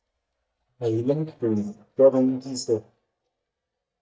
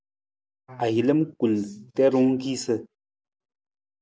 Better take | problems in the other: second | noise reduction (neural mask model DeepFilterNet 3)

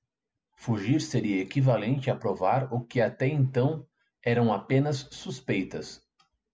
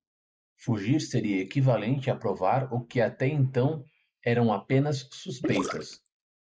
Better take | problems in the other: first | noise reduction (neural mask model Resemble Enhance denoiser)

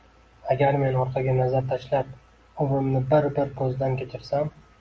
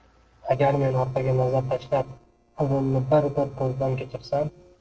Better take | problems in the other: first | noise reduction (neural separator model SepFormer DNS4)

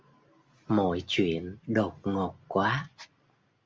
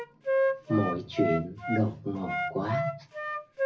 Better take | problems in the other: first | background sound (Wind instrument, woodwind instrument); as loud as the speech // room echo; dies away in 0.4 s

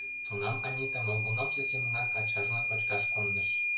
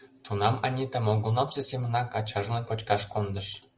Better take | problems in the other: second | background sound (Microwave oven / Alarm); 5 dB above the speech // room echo; dies away in 0.3 s

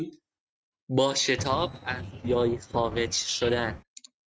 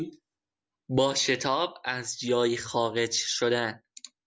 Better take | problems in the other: second | noise reduction (neural mask model RNNoise)

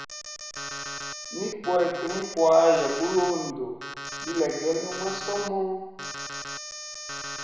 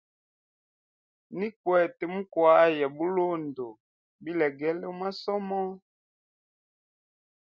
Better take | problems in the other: second | background sound (Alarm); 9 dB below the speech // room echo; dies away in 1 s

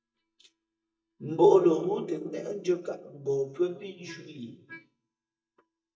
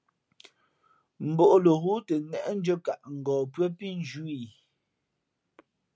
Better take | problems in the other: second | noise reduction (neural mask model DeepFilterNet 3)

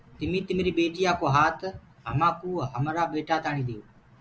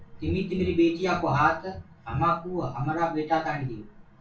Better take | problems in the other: first | room echo; dies away in 0.2 s

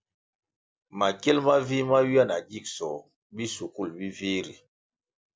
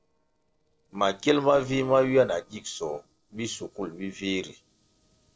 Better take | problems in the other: first | noise reduction (neural separator model SepFormer DNS4)

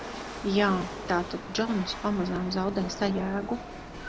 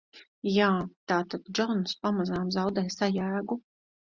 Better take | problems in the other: second | background sound (Rattle / Chatter / Hiss / Engine / Mechanisms); 9 dB below the speech

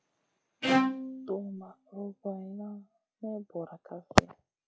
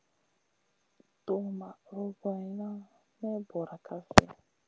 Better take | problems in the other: second | noise reduction (classical method log-MMSE)

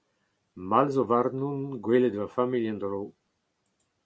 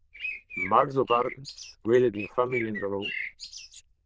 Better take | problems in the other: first | noise reduction (neural diffusion model UNIVERSE++)

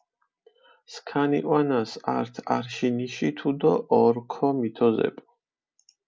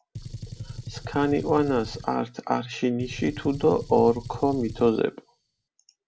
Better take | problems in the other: first | background sound (Gunshot, gunfire); 13 dB below the speech

